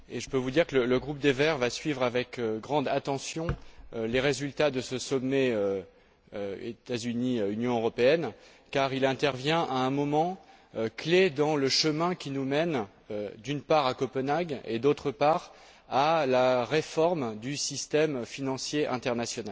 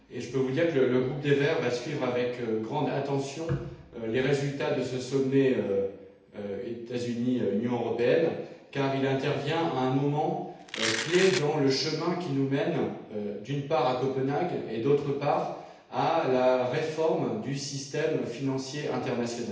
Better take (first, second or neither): first